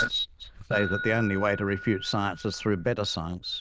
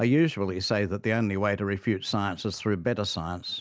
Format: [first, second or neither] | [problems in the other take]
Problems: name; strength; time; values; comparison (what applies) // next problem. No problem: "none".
second | noise reduction (neural diffusion model UNIVERSE++)